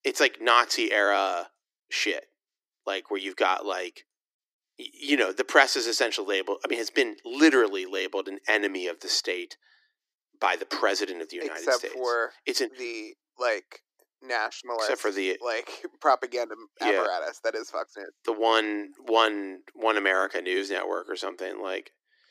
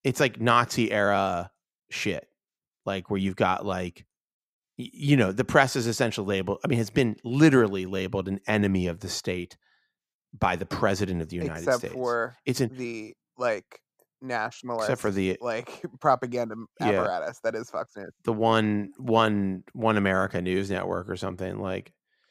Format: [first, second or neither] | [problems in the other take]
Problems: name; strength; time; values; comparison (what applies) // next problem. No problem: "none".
second | thin; somewhat; fading below 300 Hz